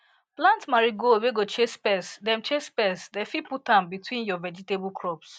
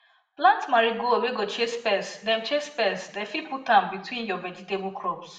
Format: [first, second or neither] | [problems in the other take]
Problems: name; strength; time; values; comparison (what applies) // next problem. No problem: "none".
first | room echo; dies away in 0.8 s